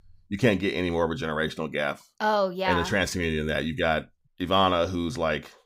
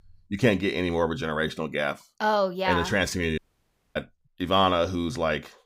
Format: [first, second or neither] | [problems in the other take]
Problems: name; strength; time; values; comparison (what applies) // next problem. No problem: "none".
first | audio cutting out; at 3.5 s for 0.5 s